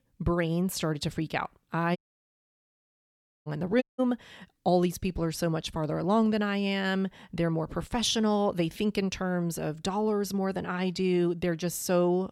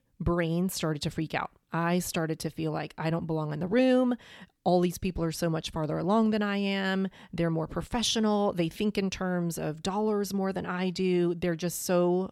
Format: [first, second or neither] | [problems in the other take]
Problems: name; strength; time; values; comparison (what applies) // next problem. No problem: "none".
second | audio cutting out; at 2 s for 1.5 s and at 4 s